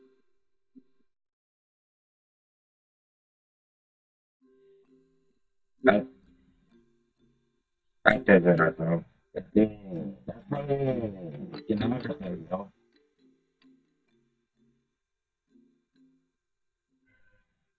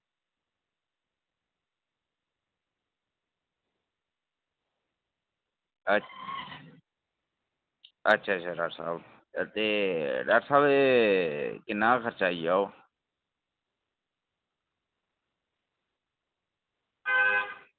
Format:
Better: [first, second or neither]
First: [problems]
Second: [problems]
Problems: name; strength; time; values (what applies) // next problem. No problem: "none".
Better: second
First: noise reduction (neural mask model DeepFilterNet 3)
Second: none